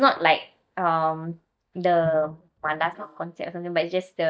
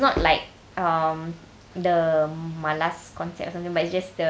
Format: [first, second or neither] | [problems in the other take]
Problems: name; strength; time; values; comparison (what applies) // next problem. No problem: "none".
second | noise reduction (neural mask model DeepFilterNet 3)